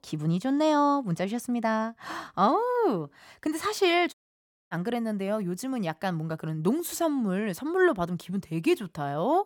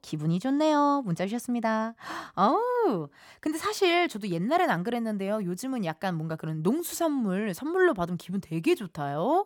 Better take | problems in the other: second | audio cutting out; at 4 s for 0.5 s

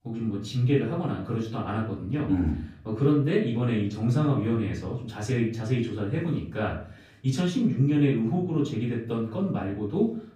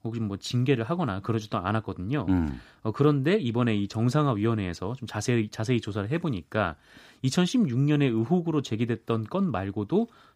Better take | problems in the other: second | off-mic speech; far // room echo; slight; dies away in 0.5 s

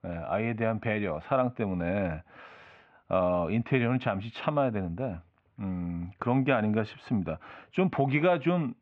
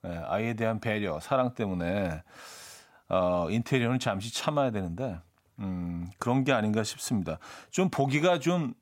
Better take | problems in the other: second | muffled; very; fading above 2.5 kHz

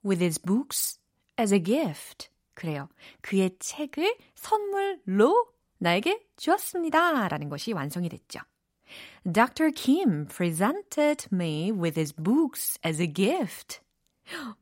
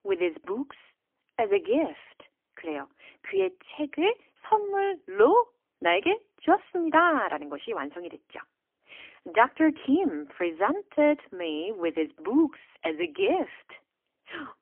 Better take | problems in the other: first | phone-call audio; poor line; nothing above 3 kHz

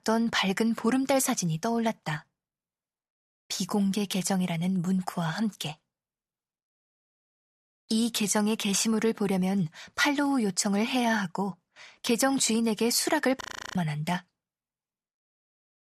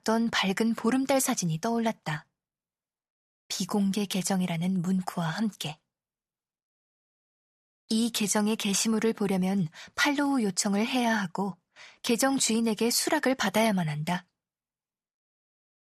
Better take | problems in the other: second | audio freezing; at 13 s

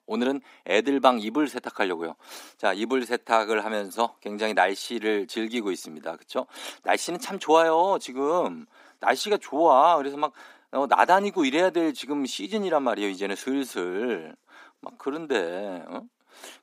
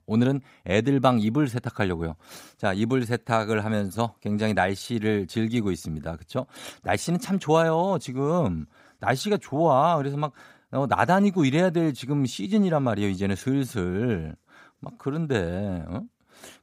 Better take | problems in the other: second | thin; somewhat; fading below 250 Hz

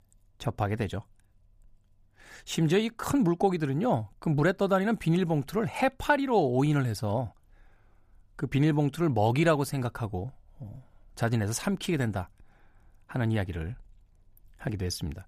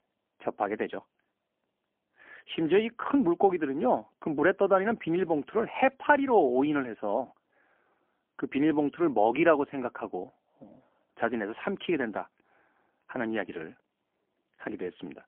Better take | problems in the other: first | phone-call audio; poor line; nothing above 3 kHz

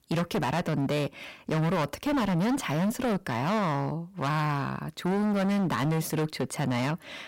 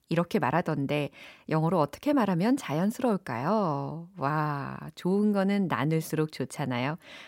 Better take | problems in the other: second | distortion; heavy; 27% of the sound clipped

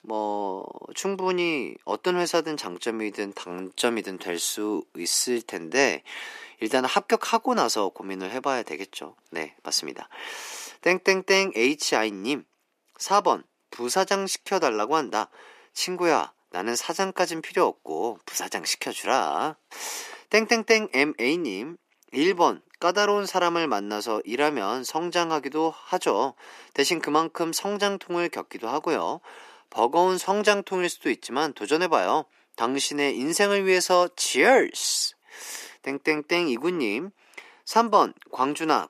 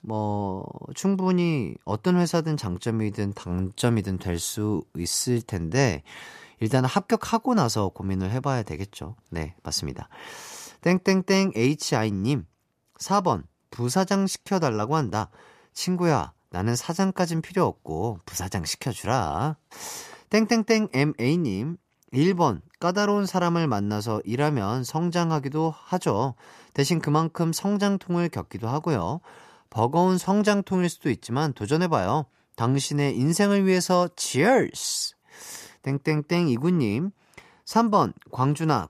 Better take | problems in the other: second | thin; somewhat; fading below 300 Hz

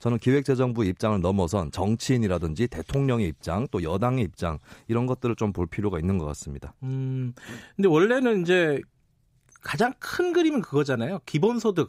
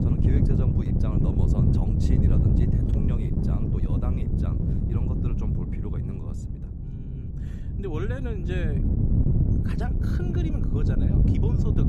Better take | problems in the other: first | wind noise on the microphone; heavy; 5 dB above the speech

